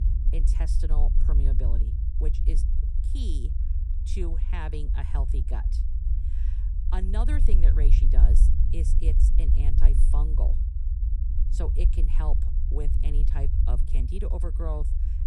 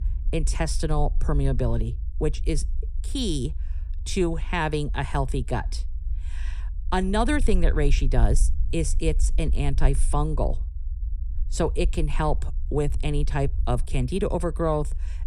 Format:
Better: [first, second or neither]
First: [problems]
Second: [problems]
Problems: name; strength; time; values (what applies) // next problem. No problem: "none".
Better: second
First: low rumble; loud; throughout; 4 dB below the speech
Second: low rumble; faint; throughout; 20 dB below the speech